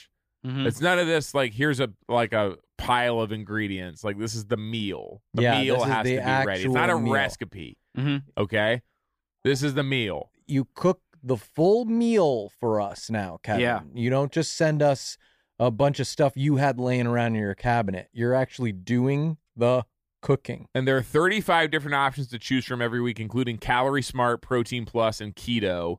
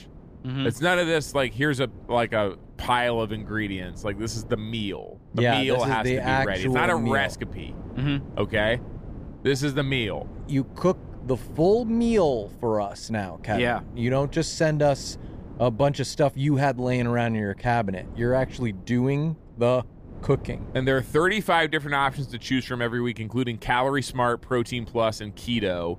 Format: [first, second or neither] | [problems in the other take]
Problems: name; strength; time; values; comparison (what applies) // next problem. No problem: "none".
first | wind noise on the microphone; occasional gusts; 25 dB below the speech